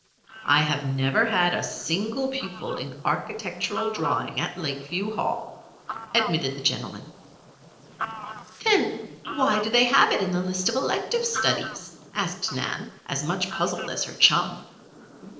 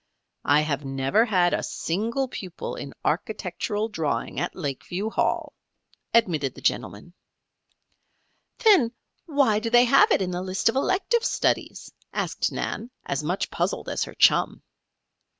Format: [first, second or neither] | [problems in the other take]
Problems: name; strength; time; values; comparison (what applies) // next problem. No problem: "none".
second | noise reduction (neural separator model SepFormer DNS4)